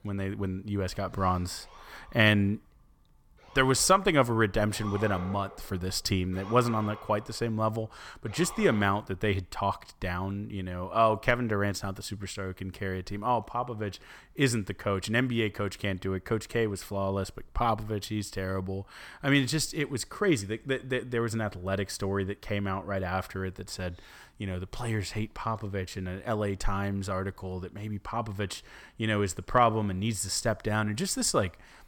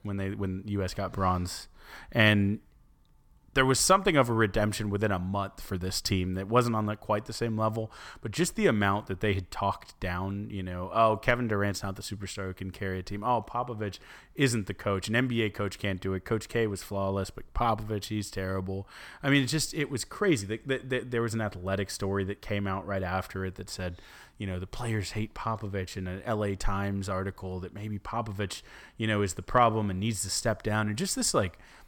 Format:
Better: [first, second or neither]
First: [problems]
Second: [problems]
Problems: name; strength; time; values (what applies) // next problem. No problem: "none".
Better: second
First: siren; noticeable; from 1.5 to 9 s; peak 10 dB below the speech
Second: none